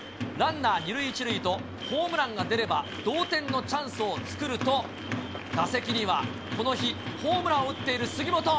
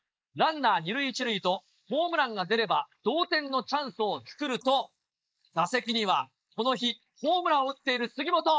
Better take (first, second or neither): first